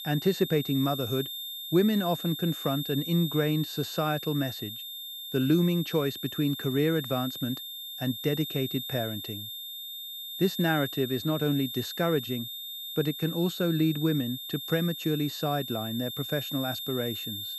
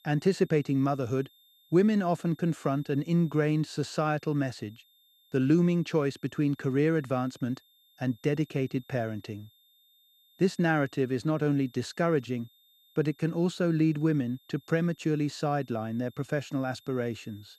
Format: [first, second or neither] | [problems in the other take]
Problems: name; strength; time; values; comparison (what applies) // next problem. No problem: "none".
second | high-pitched whine; loud; throughout; 3.5 kHz, 7 dB below the speech; faint in the second